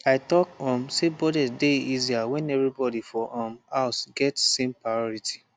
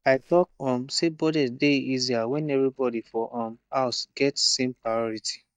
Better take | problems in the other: first | noise reduction (neural mask model DeepFilterNet 3)

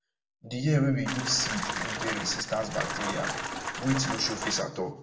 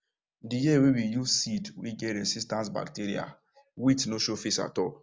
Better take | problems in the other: second | background sound (Rain); 3 dB below the speech // room echo; dies away in 0.5 s

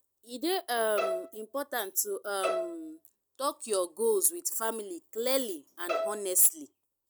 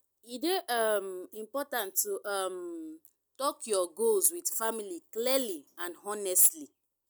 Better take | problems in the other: second | background sound (Bowed string instrument); 5 dB below the speech

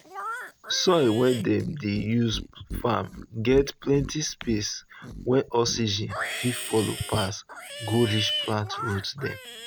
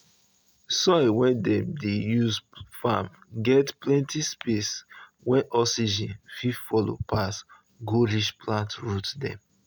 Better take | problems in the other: second | background sound (Livestock, farm animals, working animals); 10 dB below the speech

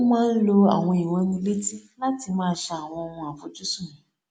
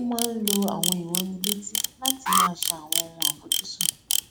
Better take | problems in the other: first | background sound (Camera + Alarm); 4 dB above the speech

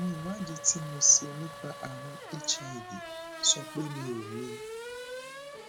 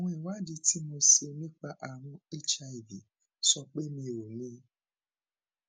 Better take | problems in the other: second | background sound (Race car, auto racing / Accelerating, revving, vroom); 10 dB below the speech

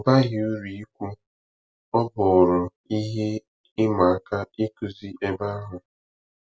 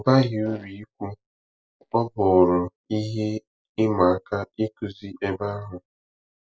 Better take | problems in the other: first | noise reduction (neural mask model DeepFilterNet 3)

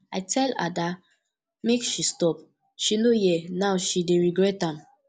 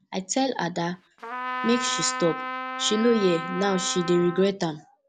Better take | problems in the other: first | background sound (Trumpet); 7 dB below the speech

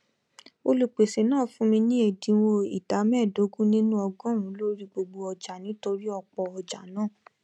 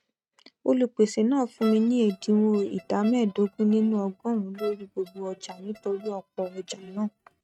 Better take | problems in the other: first | noise reduction (neural mask model RNNoise)

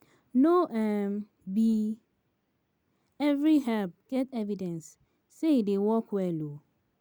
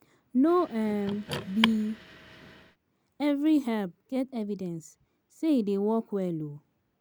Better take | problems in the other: first | background sound (Car); 8 dB below the speech

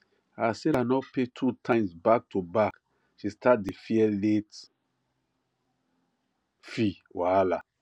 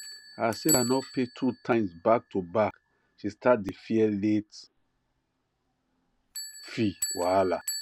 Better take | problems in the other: first | background sound (Bell); 11 dB below the speech

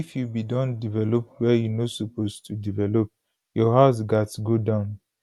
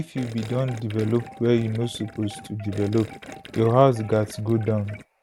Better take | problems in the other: first | background sound (Wind chime + Gurgling); 17 dB below the speech

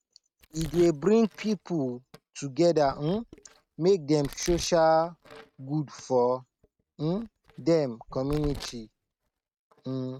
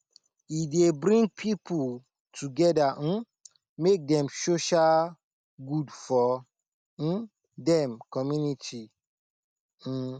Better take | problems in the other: second | noise reduction (neural mask model RNNoise)

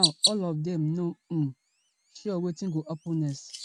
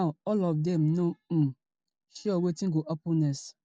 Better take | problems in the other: second | background sound (Chirp, tweet); 3 dB below the speech

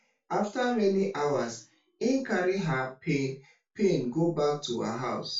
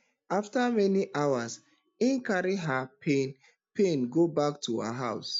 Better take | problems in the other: second | room echo; dies away in 0.2 s

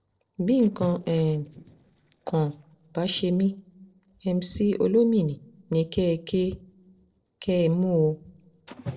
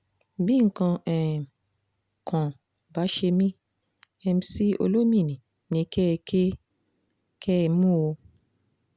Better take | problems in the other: second | noise reduction (neural separator model SepFormer DNS4)

